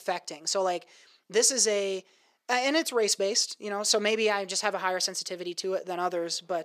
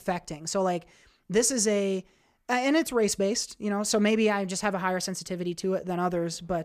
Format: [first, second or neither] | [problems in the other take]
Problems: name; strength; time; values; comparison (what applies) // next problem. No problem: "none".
second | thin; somewhat; fading below 450 Hz